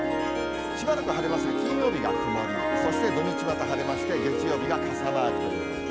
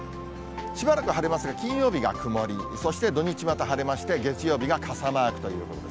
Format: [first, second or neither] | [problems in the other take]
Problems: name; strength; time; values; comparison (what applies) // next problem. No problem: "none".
second | background sound (Harp); 2 dB above the speech